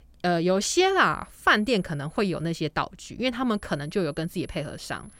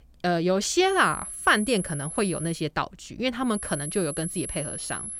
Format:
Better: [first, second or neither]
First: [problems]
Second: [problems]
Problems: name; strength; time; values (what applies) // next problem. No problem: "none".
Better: first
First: high-pitched whine; faint; from 1 to 2.5 s and from 3.5 s on; 11 kHz, 30 dB below the speech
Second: high-pitched whine; loud; from 1 to 2.5 s and from 3.5 s on; 11 kHz, 8 dB below the speech